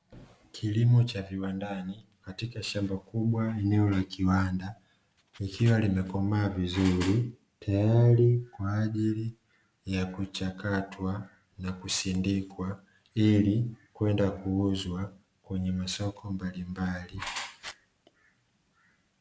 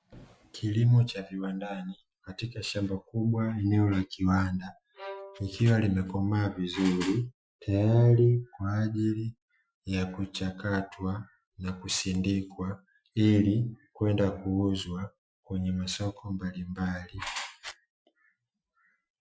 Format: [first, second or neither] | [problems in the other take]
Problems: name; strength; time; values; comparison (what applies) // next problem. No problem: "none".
first | noise reduction (classical method Wiener filter)